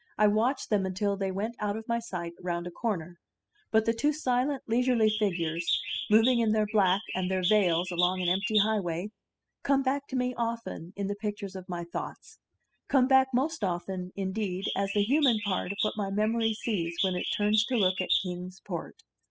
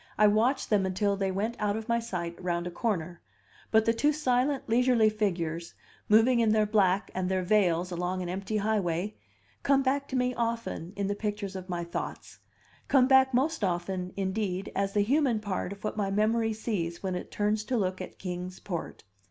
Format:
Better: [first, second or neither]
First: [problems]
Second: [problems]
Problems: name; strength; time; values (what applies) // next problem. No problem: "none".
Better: second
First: noise reduction (classical method spectral subtraction)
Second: none